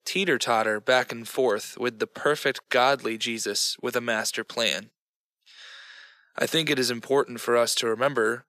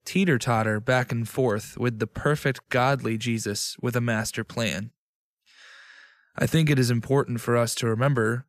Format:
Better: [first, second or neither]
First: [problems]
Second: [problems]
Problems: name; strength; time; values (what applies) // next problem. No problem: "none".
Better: second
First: thin; somewhat; fading below 400 Hz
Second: none